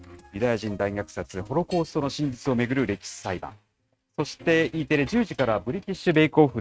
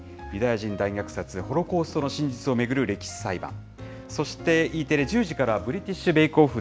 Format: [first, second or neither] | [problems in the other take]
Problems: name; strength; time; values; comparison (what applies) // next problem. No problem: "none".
second | noise reduction (neural mask model RNNoise)